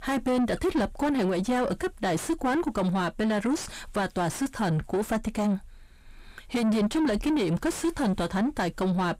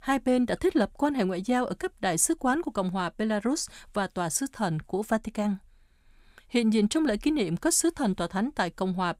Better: second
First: distortion; heavy; 5 dB below the speech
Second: none

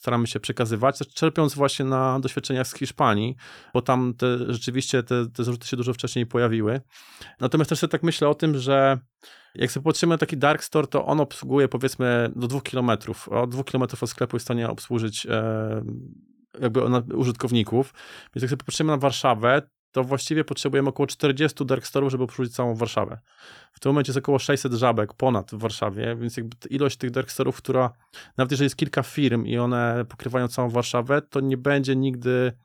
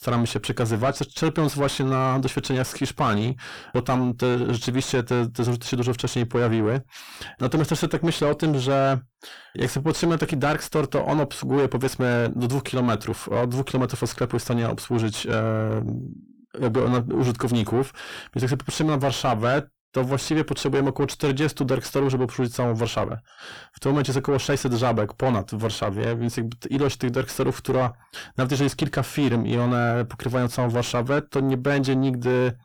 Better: first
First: none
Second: distortion; heavy; 6 dB below the speech

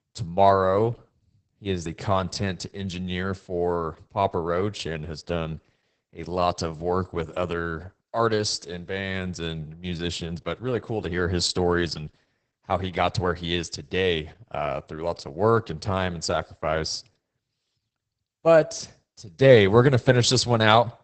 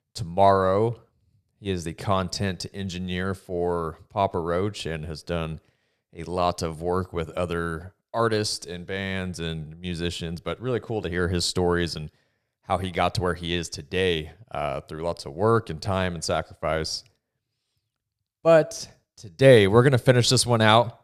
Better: second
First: garbled, watery; badly; nothing above 8 kHz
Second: none

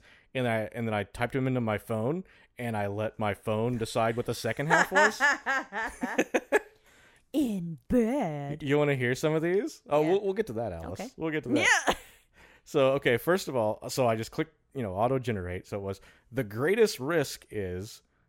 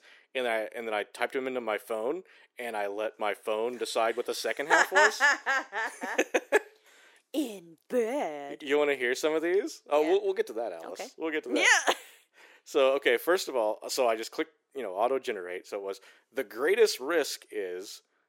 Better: first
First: none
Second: thin; somewhat; fading below 350 Hz

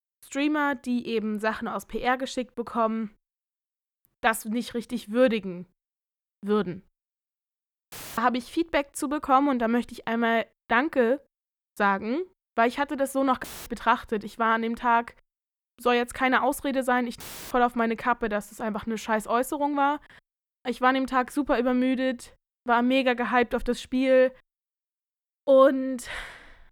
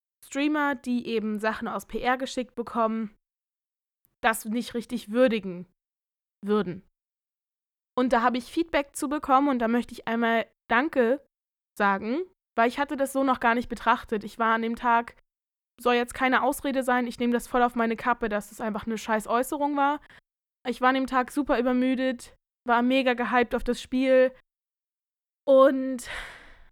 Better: second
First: audio cutting out; filled with static; at 8 s, at 13 s and at 17 s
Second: none

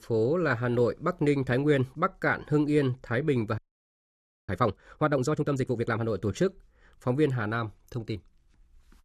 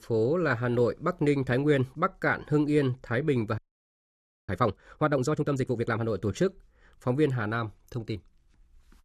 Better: neither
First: audio freezing; at 3.5 s for 1 s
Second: audio freezing; at 3.5 s for 1 s

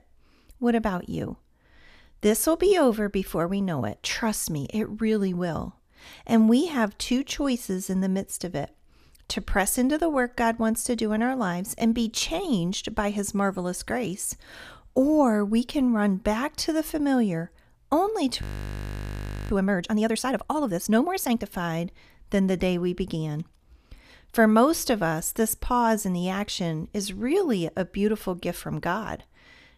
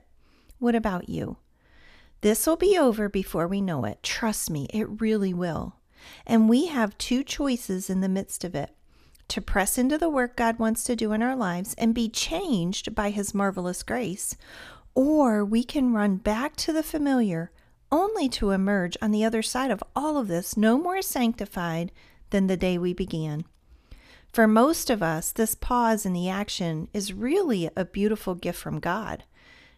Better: second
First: audio freezing; at 18 s for 1 s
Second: none

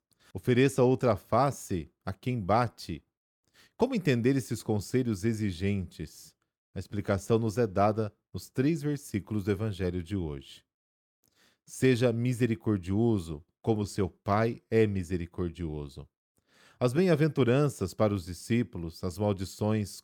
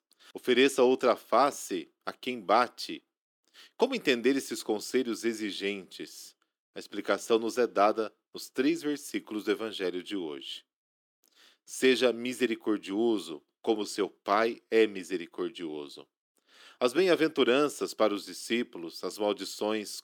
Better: first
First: none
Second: thin; somewhat; fading below 300 Hz

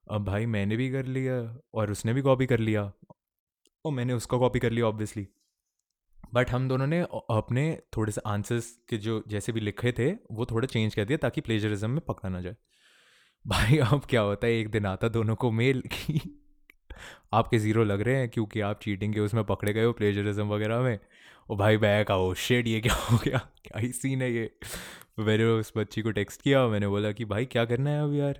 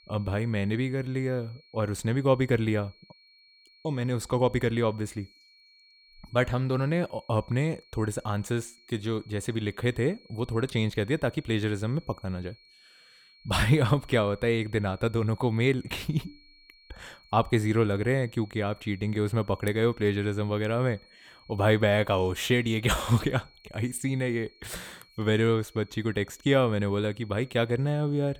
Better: first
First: none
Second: high-pitched whine; faint; throughout; 4.5 kHz, 30 dB below the speech

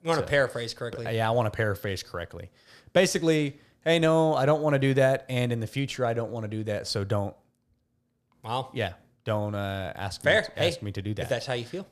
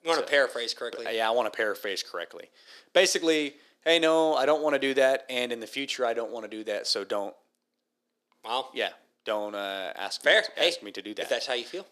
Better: first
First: none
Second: thin; somewhat; fading below 300 Hz

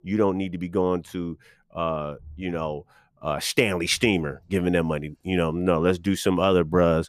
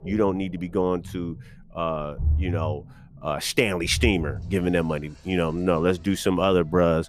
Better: first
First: rain or running water; faint; throughout; 30 dB below the speech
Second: rain or running water; loud; throughout; 7 dB below the speech

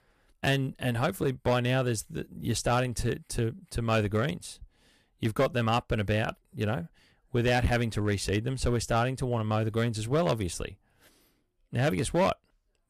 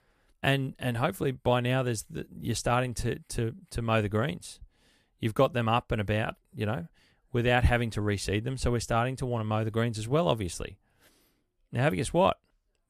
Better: second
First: distortion; slight; 4% of the sound clipped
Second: none

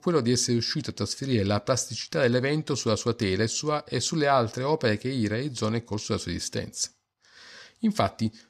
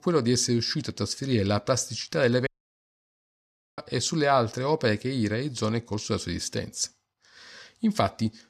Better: first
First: none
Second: audio cutting out; at 2.5 s for 1.5 s

